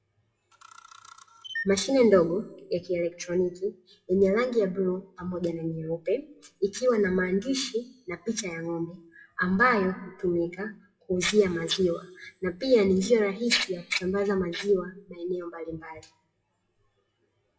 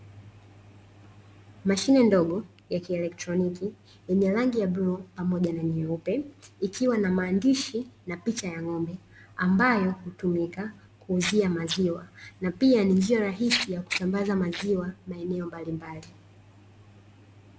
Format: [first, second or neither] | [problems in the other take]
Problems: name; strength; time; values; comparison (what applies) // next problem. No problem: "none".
second | noise reduction (classical method WPE with log-MMSE)